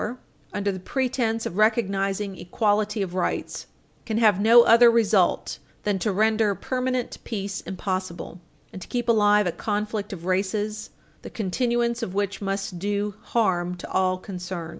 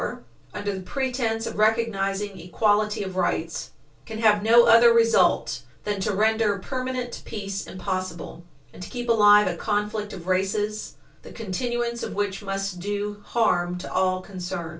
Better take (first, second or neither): first